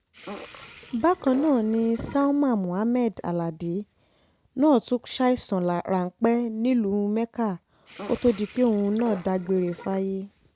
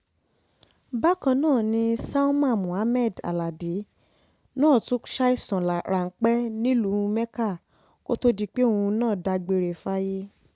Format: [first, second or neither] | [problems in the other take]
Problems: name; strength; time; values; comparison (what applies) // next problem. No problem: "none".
second | background sound (Sink (filling or washing) / Water tap, faucet + Fart); 17 dB below the speech